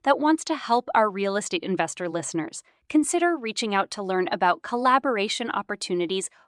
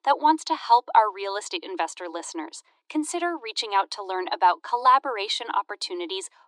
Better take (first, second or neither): first